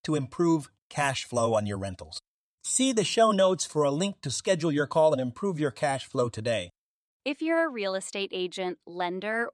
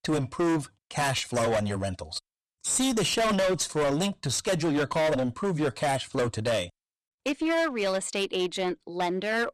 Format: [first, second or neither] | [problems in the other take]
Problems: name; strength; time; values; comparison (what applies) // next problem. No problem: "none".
first | distortion; heavy; 20% of the sound clipped